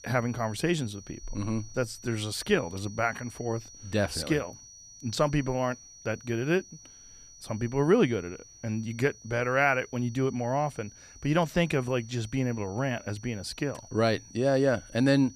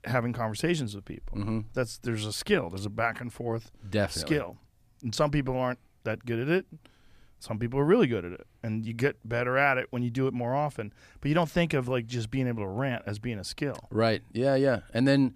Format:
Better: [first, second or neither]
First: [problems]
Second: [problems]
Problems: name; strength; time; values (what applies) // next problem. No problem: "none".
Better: second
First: high-pitched whine; noticeable; throughout; 6 kHz, 20 dB below the speech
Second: none